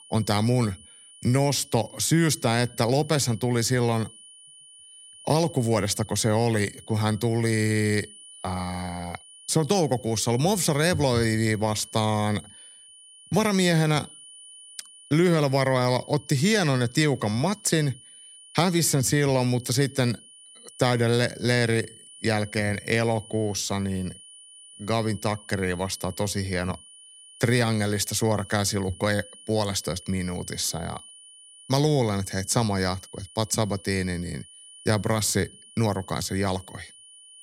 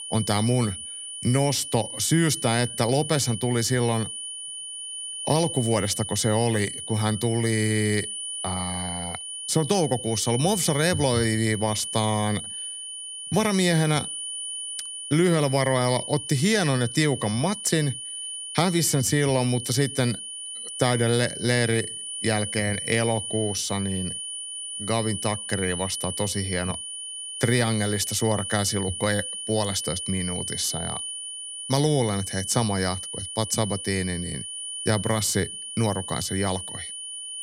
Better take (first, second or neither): first